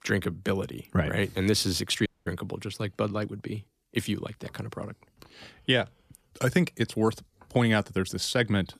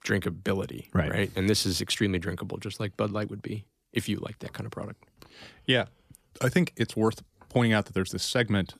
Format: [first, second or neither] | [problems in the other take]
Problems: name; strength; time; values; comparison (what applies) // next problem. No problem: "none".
second | audio cutting out; at 2 s